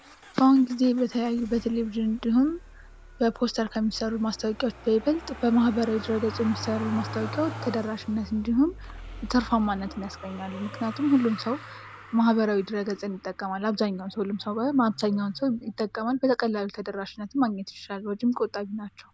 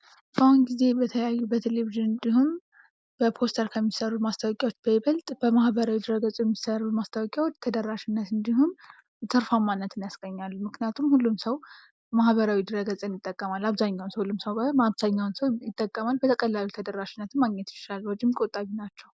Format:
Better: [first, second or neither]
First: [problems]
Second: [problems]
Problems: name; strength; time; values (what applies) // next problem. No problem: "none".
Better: second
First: background sound (Motor vehicle (road)); 16 dB below the speech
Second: none